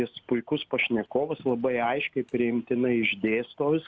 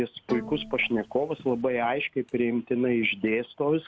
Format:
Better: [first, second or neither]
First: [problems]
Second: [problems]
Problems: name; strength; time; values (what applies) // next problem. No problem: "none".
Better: first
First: none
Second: background sound (Bowed string instrument); 13 dB below the speech